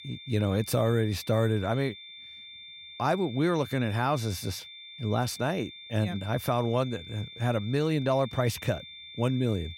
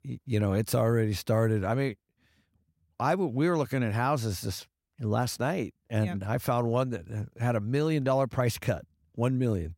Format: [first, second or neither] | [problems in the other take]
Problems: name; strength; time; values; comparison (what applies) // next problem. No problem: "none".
second | high-pitched whine; noticeable; throughout; 3.5 kHz, 15 dB below the speech